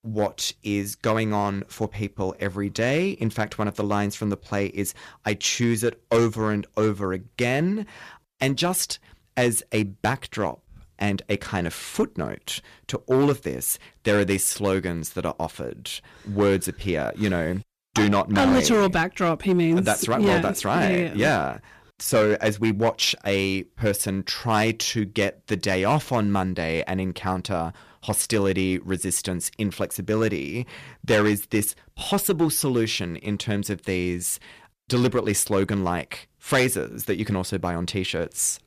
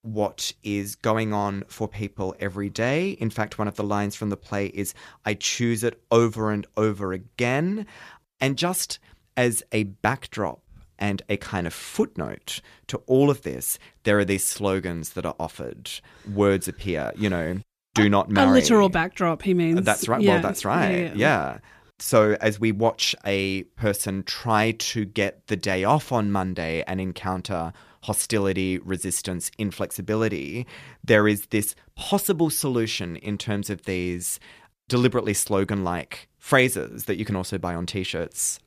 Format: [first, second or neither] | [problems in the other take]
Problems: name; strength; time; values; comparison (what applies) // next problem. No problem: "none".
second | distortion; slight; 4% of the sound clipped